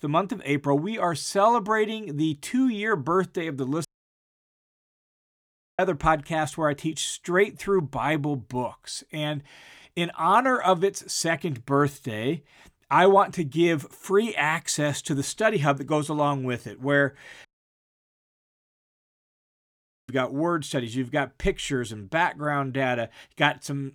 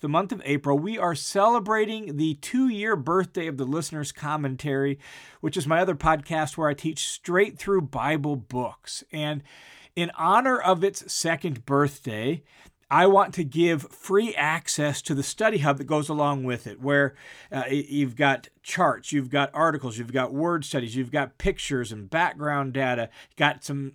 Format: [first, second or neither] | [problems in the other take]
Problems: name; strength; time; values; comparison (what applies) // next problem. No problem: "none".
second | audio cutting out; at 4 s for 2 s and at 17 s for 2.5 s